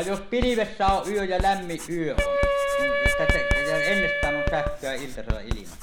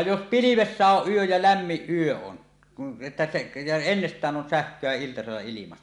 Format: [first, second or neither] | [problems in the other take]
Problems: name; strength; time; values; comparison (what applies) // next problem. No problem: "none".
second | background sound (Writing + Wind instrument, woodwind instrument); 2 dB above the speech